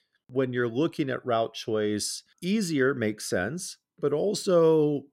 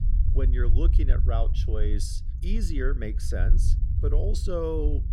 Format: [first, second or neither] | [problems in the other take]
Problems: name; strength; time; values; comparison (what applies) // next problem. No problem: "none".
first | low rumble; noticeable; throughout; 10 dB below the speech